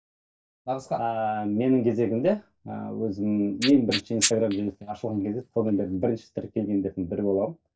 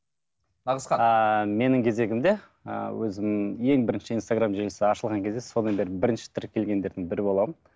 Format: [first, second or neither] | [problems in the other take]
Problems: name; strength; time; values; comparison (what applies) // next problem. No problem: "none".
second | noise reduction (neural mask model DeepFilterNet 3)